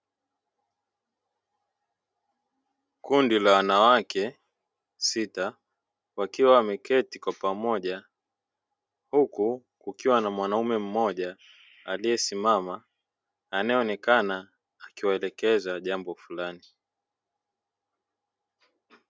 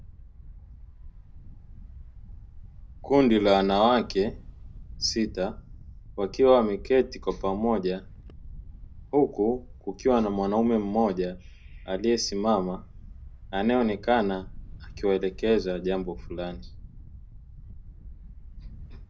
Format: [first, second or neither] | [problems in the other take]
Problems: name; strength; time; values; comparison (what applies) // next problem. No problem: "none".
first | background sound (Wind); 15 dB below the speech // room echo; dies away in 0.4 s